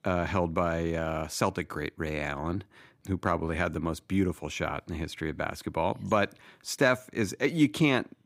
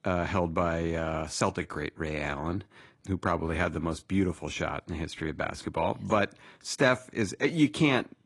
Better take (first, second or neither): first